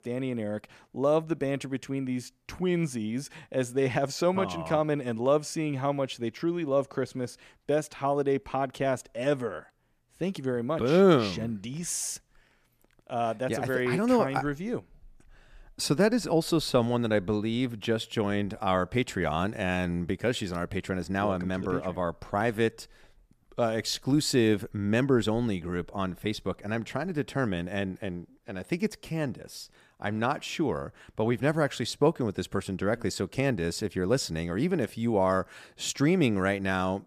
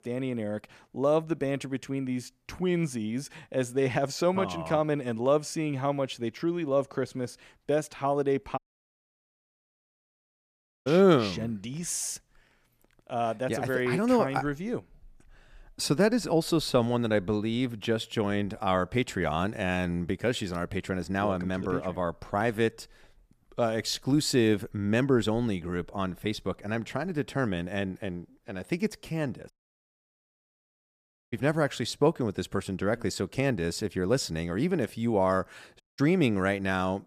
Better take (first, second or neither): first